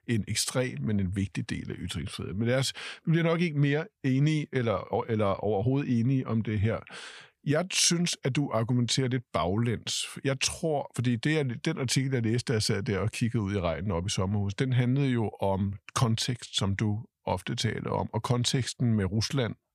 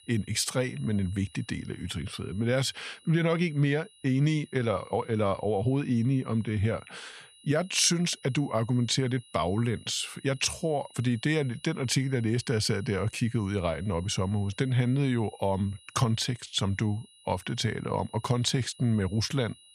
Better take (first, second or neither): first